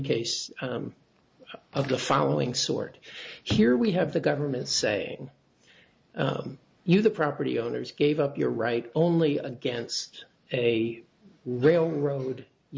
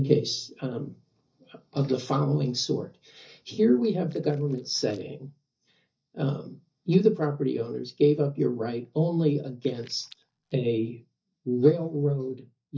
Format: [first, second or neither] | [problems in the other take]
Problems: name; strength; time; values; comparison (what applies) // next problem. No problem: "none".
first | noise reduction (neural mask model DeepFilterNet 3)